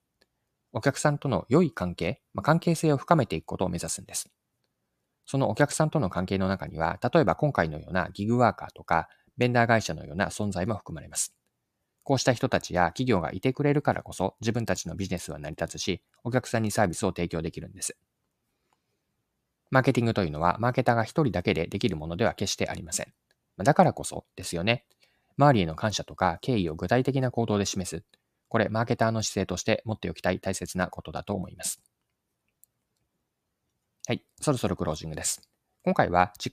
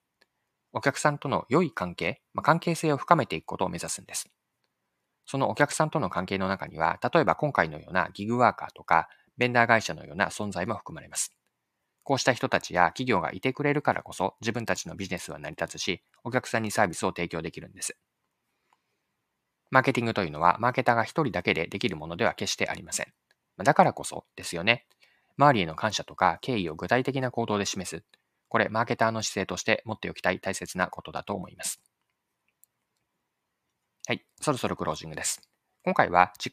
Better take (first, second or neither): first